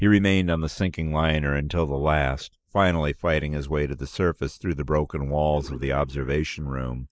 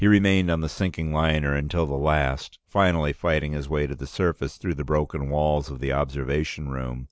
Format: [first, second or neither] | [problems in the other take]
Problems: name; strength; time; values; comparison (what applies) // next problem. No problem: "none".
second | noise reduction (neural mask model Resemble Enhance denoiser)